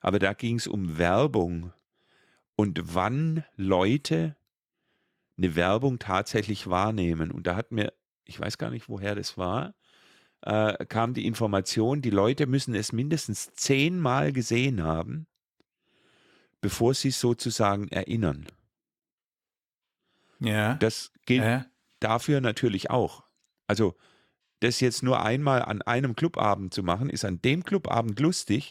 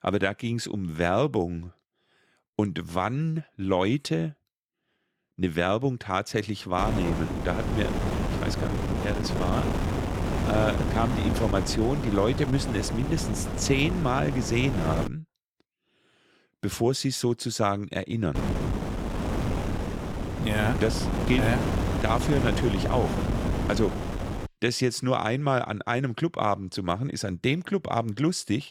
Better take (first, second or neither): first